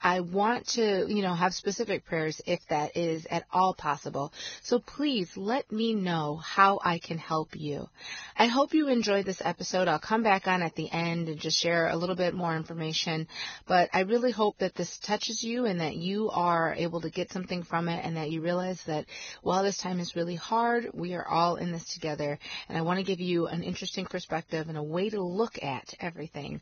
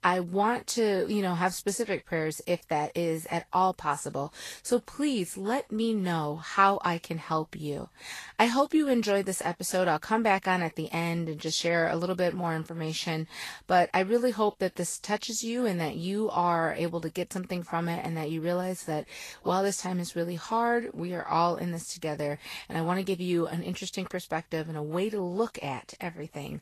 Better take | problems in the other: second | garbled, watery; badly; nothing above 6.5 kHz; slightly in the second

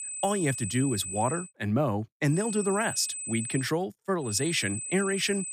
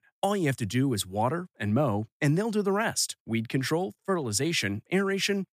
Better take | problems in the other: second | high-pitched whine; loud; until 1.5 s, from 2.5 to 3.5 s and from 4.5 s on; 8 kHz, 5 dB below the speech

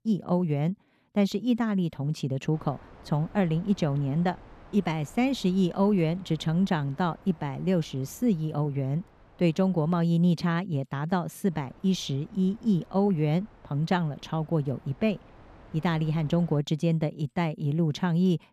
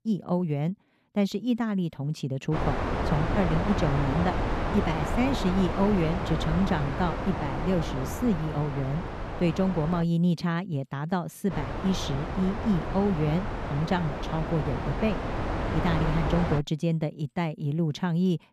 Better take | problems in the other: first | wind noise on the microphone; heavy; from 2.5 to 10 s and from 12 to 17 s; as loud as the speech; occasional gusts in the first

